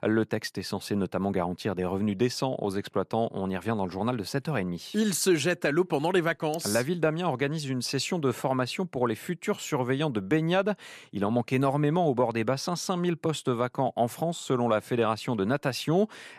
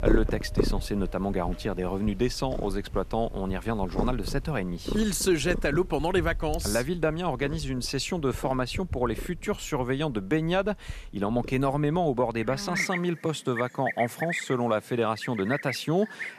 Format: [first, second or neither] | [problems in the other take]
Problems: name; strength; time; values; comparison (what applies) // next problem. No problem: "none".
first | animal sounds; loud; throughout; 8 dB below the speech